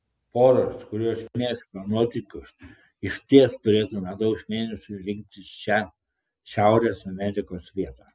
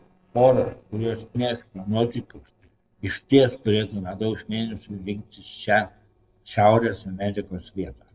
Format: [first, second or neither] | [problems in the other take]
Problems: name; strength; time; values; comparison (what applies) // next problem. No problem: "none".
first | noise reduction (neural separator model SepFormer DNS4)